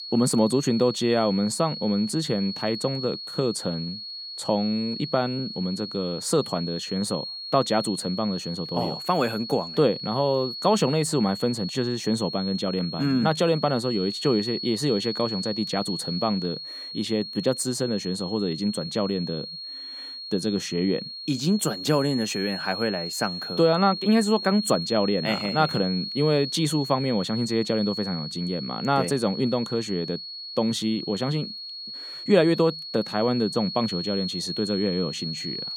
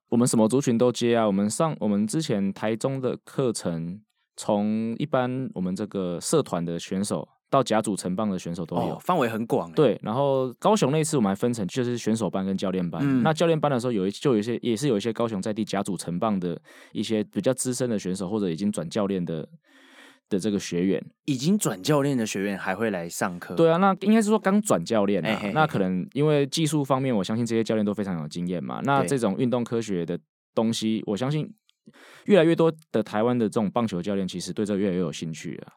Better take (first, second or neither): second